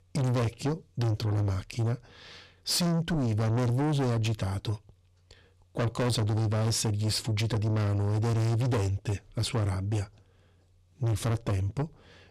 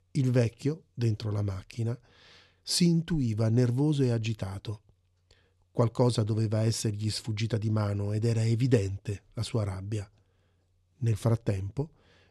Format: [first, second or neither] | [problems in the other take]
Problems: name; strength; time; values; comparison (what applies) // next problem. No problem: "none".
second | distortion; heavy; 6 dB below the speech